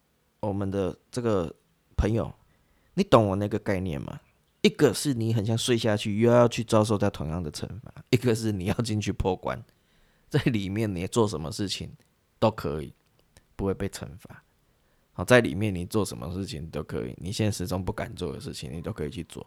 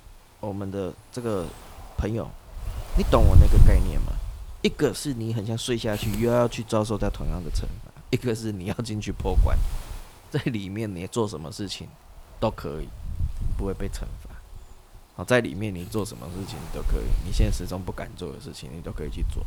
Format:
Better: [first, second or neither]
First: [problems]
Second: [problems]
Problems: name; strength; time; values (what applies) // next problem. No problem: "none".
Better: first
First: none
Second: wind noise on the microphone; occasional gusts; 15 dB below the speech